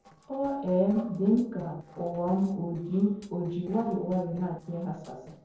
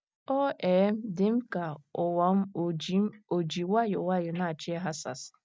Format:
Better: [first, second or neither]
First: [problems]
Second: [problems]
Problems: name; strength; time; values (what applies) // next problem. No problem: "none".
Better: second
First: noise reduction (neural separator model SepFormer DNS4)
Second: none